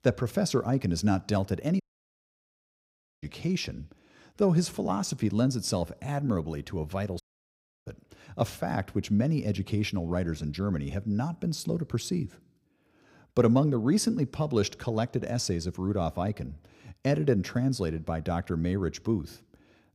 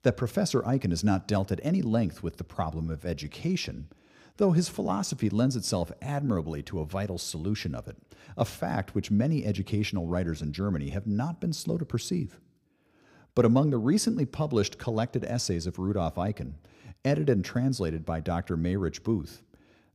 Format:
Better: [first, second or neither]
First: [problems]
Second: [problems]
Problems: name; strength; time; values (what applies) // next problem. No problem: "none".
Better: second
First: audio cutting out; at 2 s for 1.5 s and at 7 s for 0.5 s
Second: none